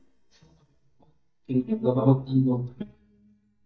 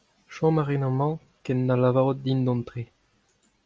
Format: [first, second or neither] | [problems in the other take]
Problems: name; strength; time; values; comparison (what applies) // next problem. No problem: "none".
second | noise reduction (neural mask model DeepFilterNet 3)